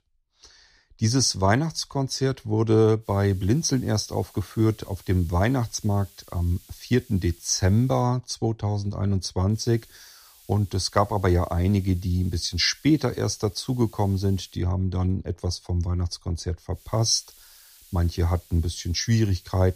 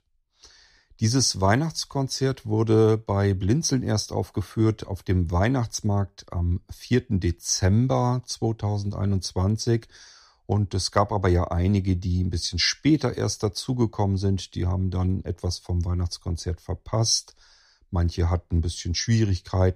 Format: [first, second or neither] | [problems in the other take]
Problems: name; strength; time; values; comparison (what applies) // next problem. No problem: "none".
second | hiss; faint; from 3 to 8 s, from 9.5 to 15 s and from 17 s on; 25 dB below the speech